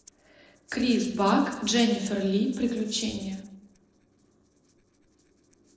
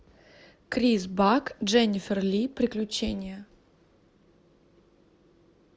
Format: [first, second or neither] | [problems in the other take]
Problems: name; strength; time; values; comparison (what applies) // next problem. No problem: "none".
second | noise reduction (neural separator model SepFormer DNS4)